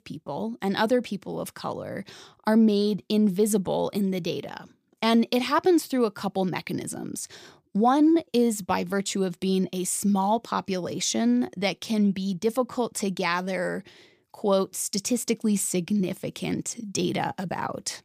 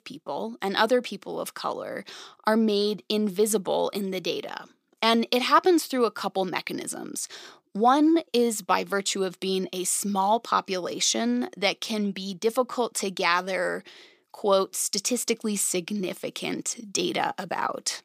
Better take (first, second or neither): first